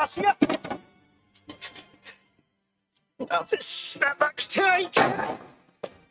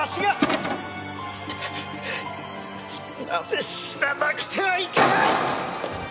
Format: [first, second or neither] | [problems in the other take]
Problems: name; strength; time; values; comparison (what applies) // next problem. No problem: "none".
second | noise reduction (neural mask model RNNoise)